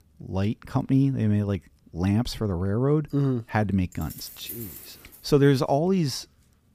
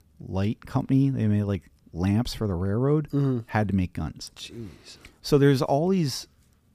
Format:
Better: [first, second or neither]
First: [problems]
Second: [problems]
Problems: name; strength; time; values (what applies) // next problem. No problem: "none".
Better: second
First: jangling keys; faint; from 4 to 5 s; peak 10 dB below the speech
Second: none